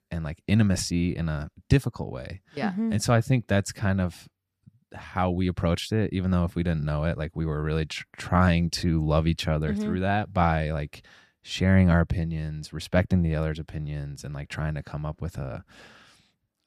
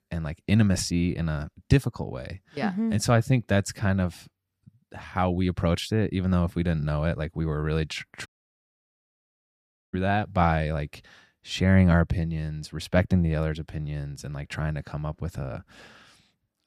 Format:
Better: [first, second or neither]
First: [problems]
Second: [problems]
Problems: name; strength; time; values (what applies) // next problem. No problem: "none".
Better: first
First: none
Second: audio cutting out; at 8.5 s for 1.5 s